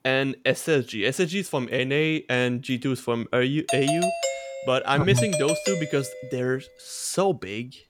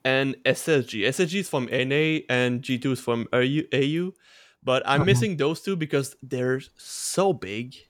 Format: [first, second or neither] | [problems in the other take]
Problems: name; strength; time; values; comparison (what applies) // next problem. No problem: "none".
second | doorbell; noticeable; from 3.5 to 6.5 s; peak level with the speech